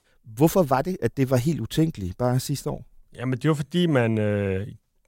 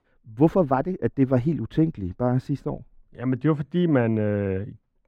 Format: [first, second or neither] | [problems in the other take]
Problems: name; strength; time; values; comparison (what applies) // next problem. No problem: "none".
first | muffled; very; fading above 4 kHz